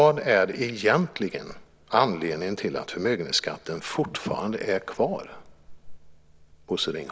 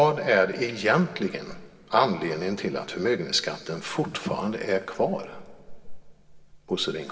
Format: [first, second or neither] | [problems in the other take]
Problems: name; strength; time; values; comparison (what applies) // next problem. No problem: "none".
first | room echo; dies away in 1.5 s